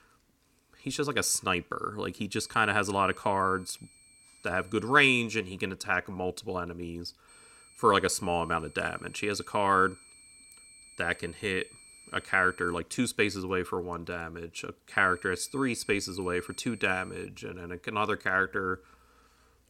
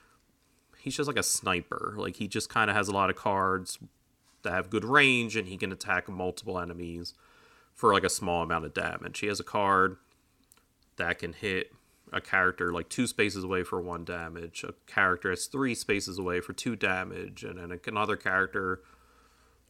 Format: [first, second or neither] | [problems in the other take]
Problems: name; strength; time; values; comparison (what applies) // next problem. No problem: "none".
second | high-pitched whine; faint; from 2.5 to 5 s, from 7.5 to 13 s and from 15 to 17 s; 8.5 kHz, 25 dB below the speech